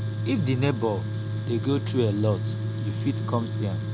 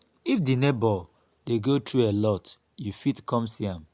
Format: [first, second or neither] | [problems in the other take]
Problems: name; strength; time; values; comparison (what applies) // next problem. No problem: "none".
second | background sound (Tools); as loud as the speech